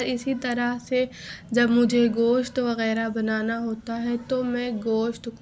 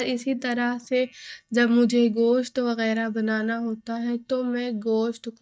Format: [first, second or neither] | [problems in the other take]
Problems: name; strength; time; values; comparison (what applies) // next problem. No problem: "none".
first | noise reduction (neural mask model DeepFilterNet 3)